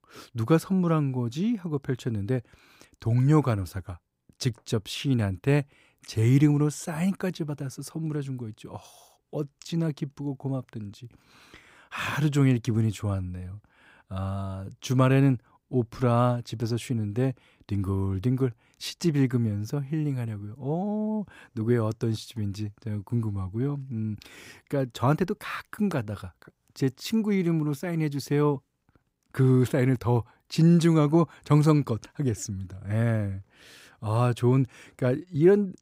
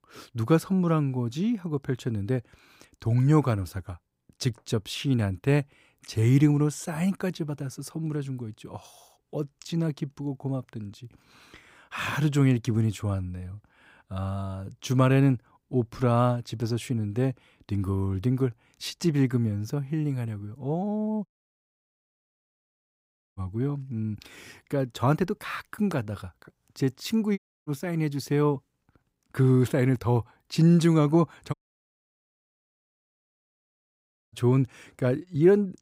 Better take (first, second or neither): first